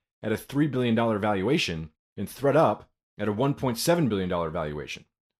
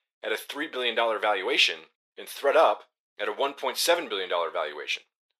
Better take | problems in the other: first | thin; very; fading below 450 Hz

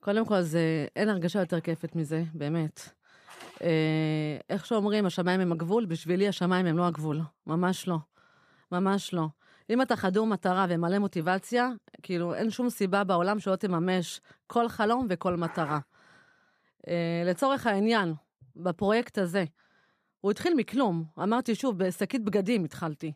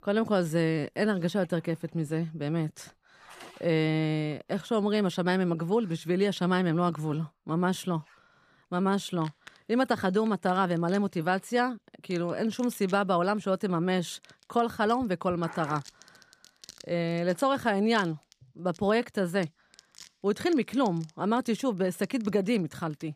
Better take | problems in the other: first | household noises; faint; throughout; 25 dB below the speech

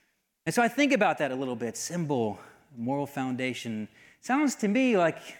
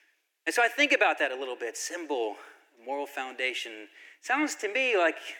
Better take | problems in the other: first | thin; somewhat; fading below 300 Hz

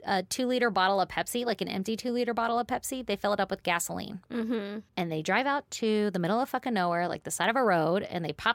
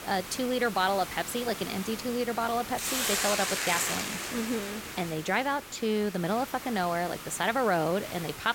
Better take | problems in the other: first | hiss; loud; throughout; 4 dB below the speech

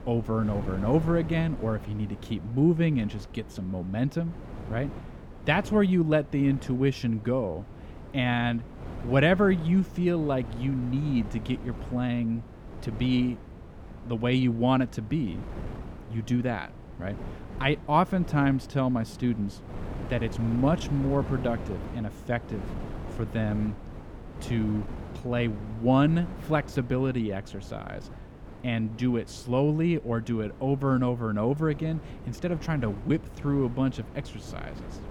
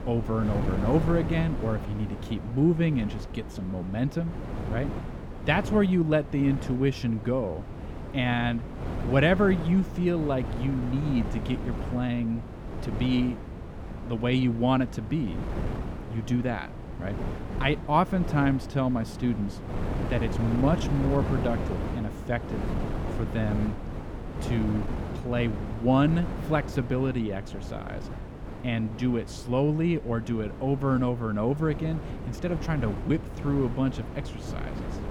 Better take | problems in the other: first | wind noise on the microphone; heavy; 9 dB below the speech; occasional gusts in the first

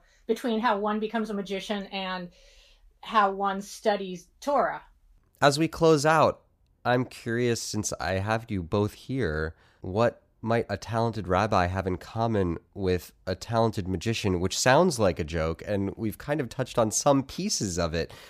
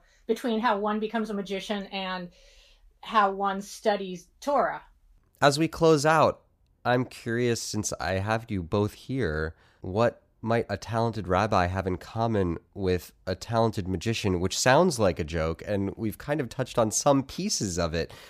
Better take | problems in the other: neither | none

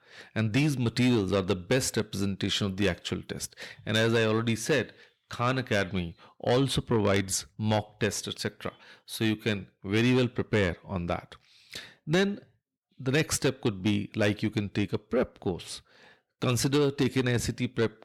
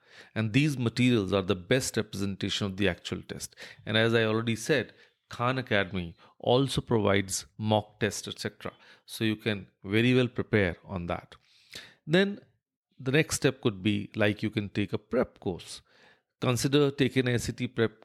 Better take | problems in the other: second | distortion; slight; 10 dB below the speech

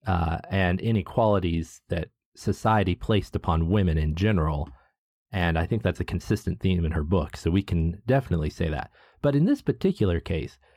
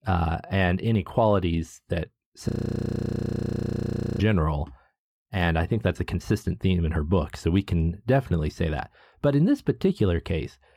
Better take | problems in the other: first | audio freezing; at 2.5 s for 1.5 s

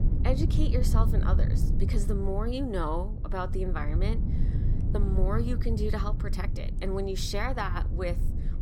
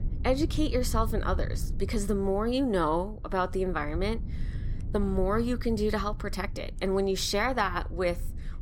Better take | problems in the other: second | low rumble; loud; throughout; 9 dB below the speech; faint in the second

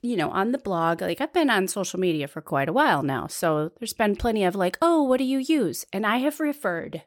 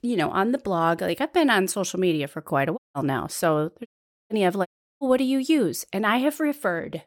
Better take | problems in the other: first | audio cutting out; at 3 s, at 4 s and at 4.5 s

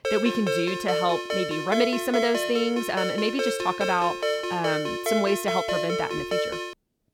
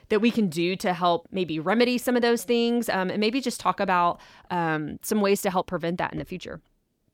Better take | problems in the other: second | phone ringing; loud; peak 1 dB above the speech

